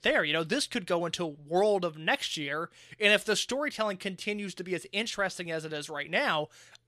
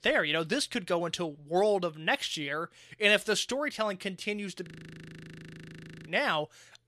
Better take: first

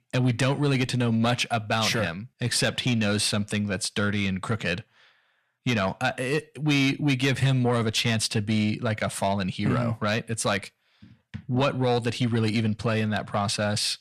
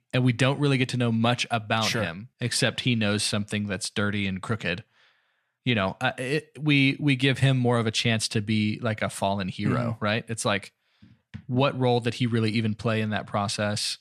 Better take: second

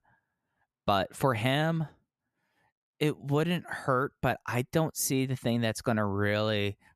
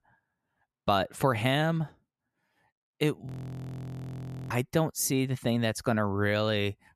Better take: first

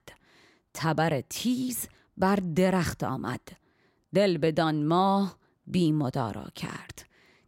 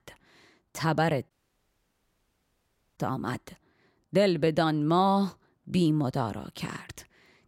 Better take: first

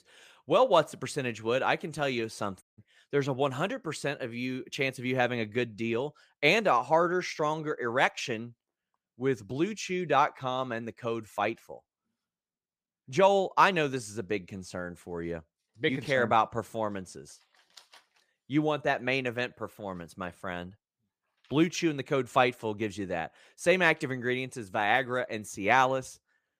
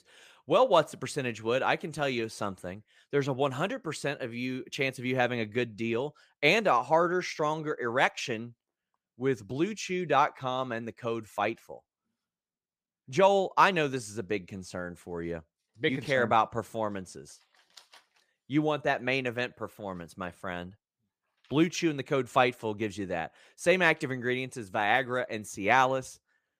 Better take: second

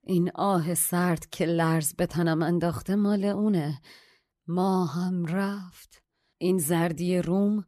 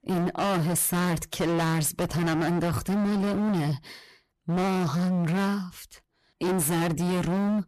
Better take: first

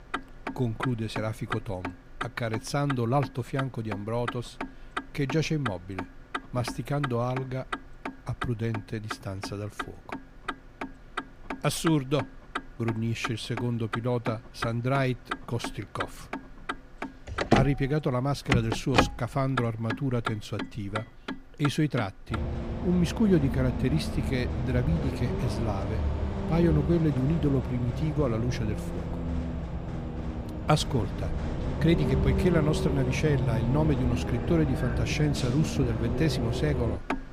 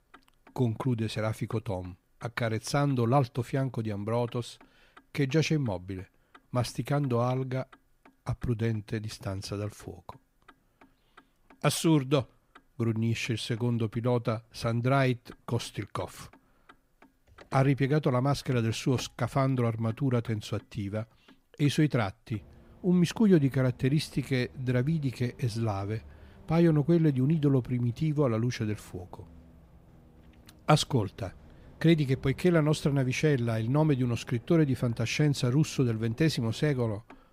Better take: second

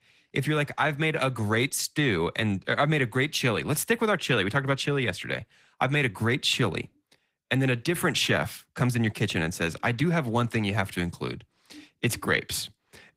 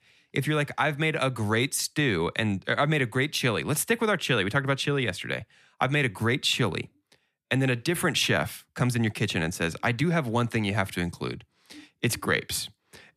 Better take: second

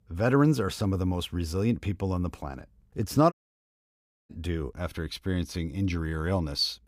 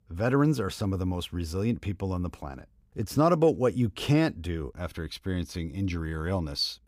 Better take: second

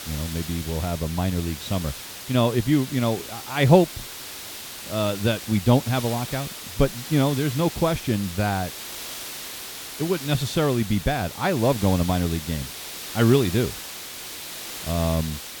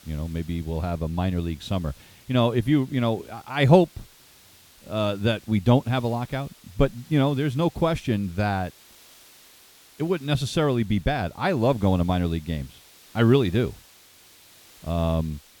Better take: second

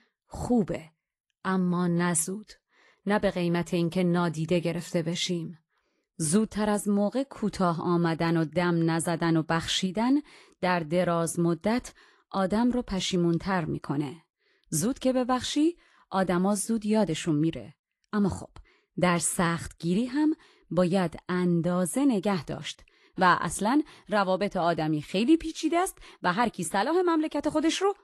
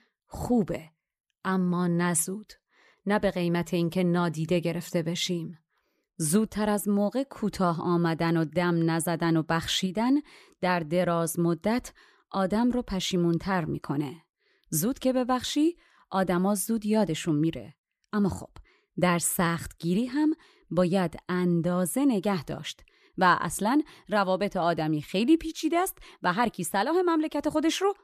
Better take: second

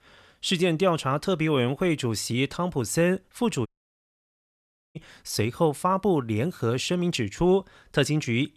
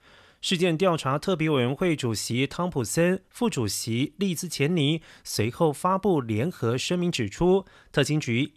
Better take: second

